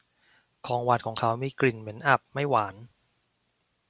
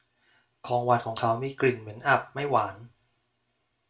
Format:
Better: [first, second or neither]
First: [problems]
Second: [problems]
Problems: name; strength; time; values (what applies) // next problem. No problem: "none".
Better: first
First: none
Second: room echo; dies away in 0.3 s